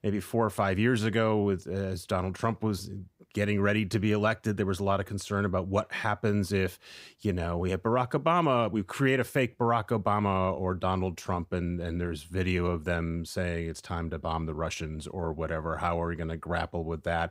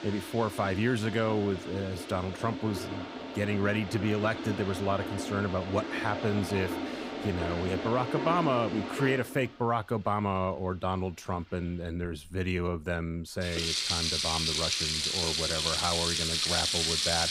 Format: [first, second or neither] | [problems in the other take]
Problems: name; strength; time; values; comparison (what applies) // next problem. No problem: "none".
first | household noises; loud; throughout; as loud as the speech